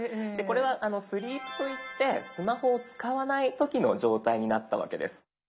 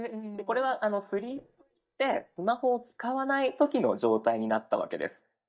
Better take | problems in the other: first | noise reduction (neural mask model DeepFilterNet 3)

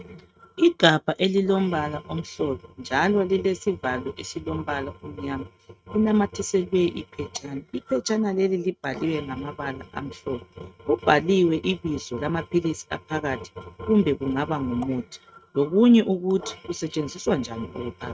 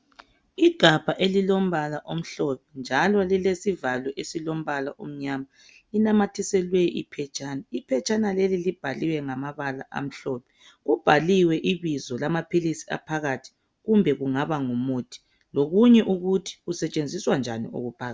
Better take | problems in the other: second | noise reduction (neural mask model RNNoise)

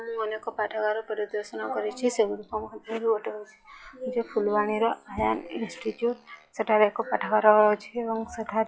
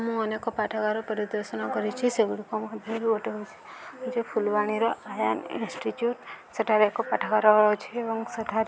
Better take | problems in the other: second | noise reduction (classical method log-MMSE)

